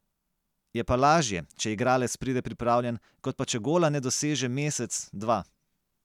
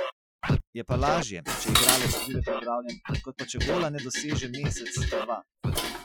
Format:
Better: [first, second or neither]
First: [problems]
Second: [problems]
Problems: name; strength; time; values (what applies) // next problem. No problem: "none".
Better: first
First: none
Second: noise reduction (classical method Wiener filter)